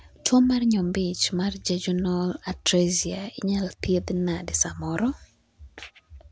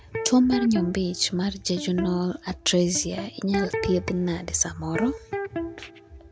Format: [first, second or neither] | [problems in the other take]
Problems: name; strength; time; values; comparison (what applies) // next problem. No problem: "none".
first | background sound (Electric guitar); 9 dB below the speech